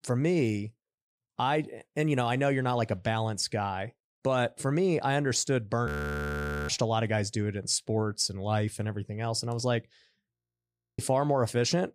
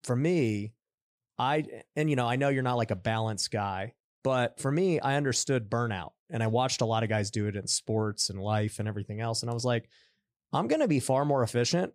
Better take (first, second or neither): second